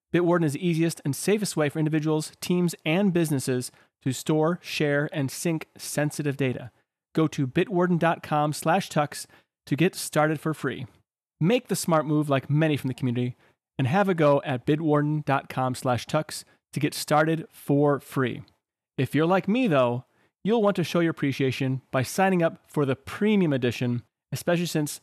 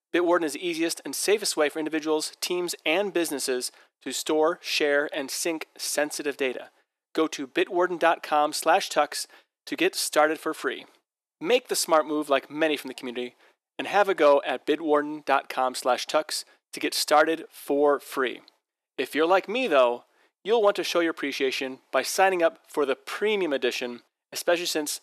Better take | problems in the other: first | thin; somewhat; fading below 350 Hz

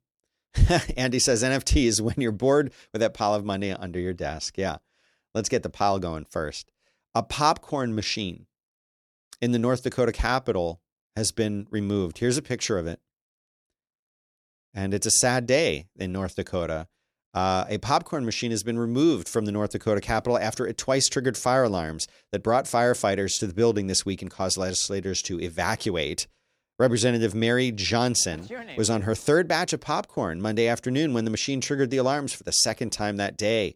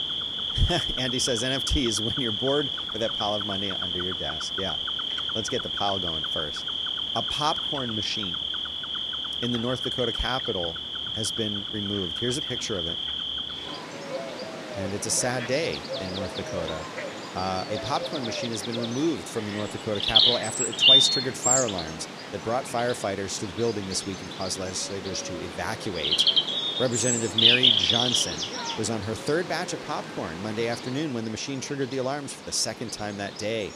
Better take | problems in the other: first | animal sounds; very loud; throughout; 5 dB above the speech

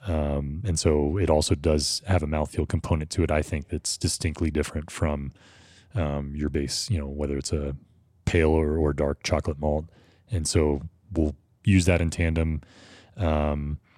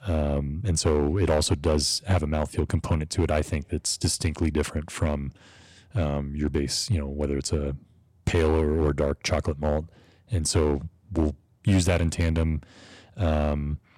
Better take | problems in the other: first | distortion; slight; 3% of the sound clipped

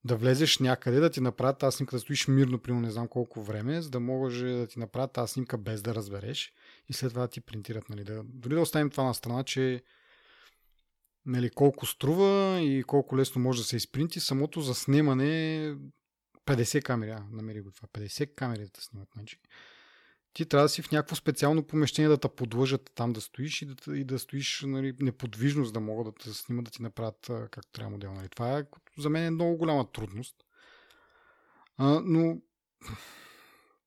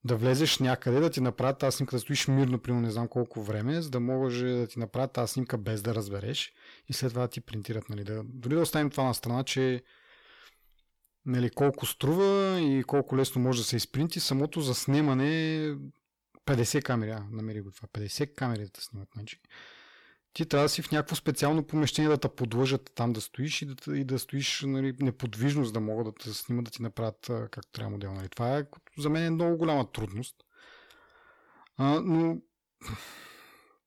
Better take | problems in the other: first | distortion; slight; 10 dB below the speech

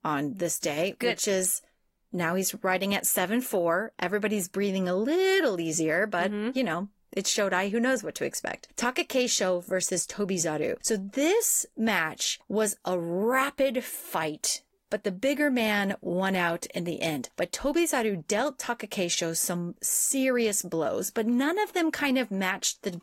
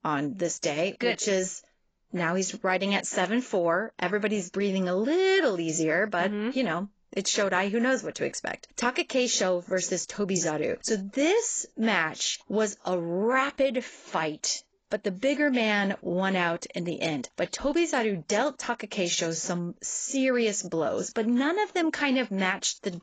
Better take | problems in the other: first | garbled, watery; badly; nothing above 7.5 kHz; slightly in the first

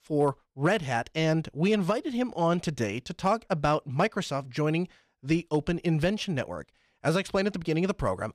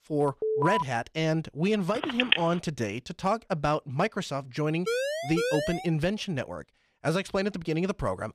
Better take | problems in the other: first | alarm; loud; at 0.5 s; peak 2 dB above the speech // phone ringing; loud; at 2 s; peak 5 dB above the speech // siren; loud; from 5 to 6 s; peak level with the speech

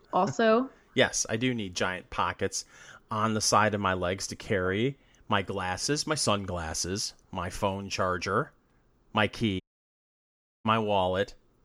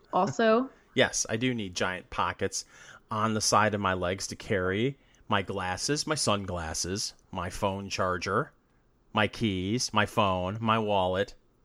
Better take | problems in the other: second | audio cutting out; at 9.5 s for 1 s

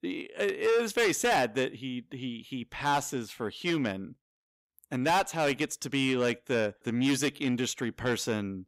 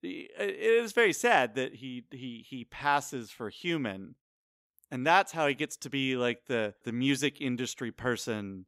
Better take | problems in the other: second | distortion; heavy; 8 dB below the speech

